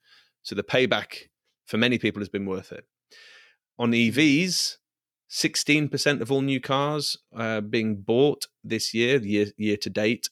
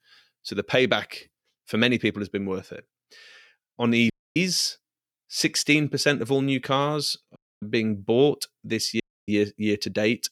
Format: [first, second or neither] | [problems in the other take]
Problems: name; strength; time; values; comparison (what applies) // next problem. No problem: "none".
first | audio cutting out; at 4 s, at 7.5 s and at 9 s